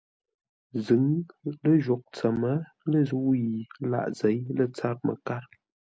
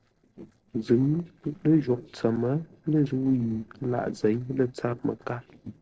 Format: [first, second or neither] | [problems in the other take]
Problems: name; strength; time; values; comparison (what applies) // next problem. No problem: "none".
first | noise reduction (neural separator model SepFormer DNS4)